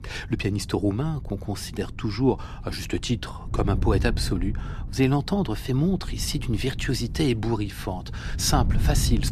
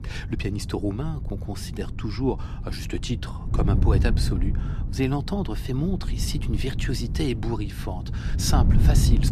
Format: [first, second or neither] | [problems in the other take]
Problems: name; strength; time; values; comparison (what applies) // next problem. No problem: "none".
first | wind noise on the microphone; heavy; 8 dB below the speech; occasional gusts in the first